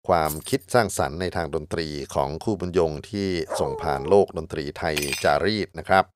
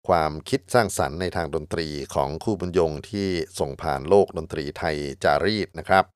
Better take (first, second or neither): second